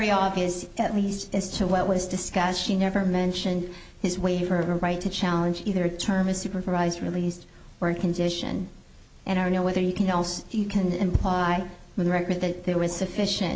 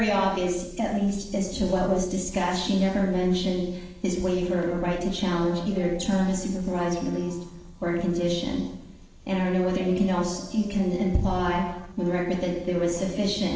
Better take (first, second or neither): first